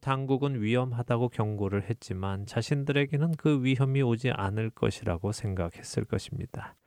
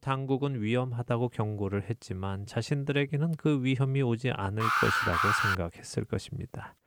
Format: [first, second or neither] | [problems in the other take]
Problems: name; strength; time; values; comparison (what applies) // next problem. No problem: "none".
first | alarm; loud; at 4.5 s; peak 5 dB above the speech